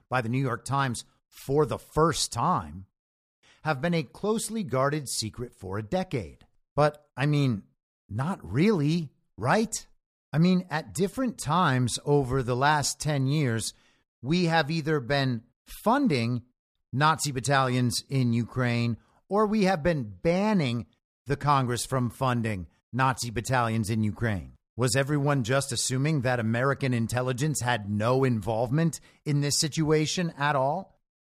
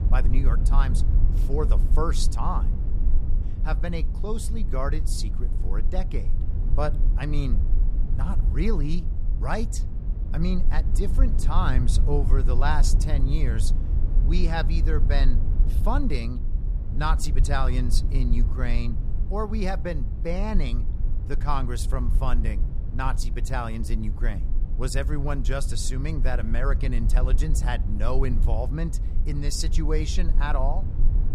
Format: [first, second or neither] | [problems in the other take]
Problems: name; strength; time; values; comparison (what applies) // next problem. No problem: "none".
first | low rumble; noticeable; throughout; 10 dB below the speech